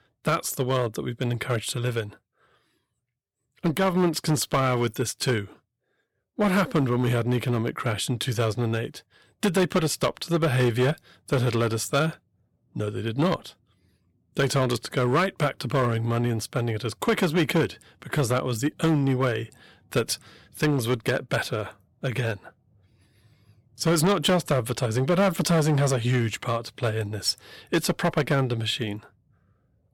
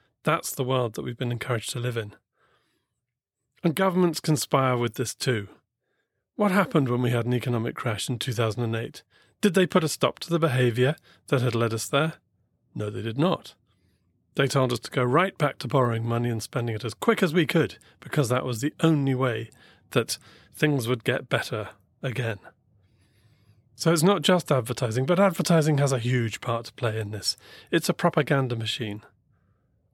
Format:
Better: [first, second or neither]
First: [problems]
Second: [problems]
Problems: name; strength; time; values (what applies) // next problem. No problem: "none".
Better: second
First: distortion; slight; 5% of the sound clipped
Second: none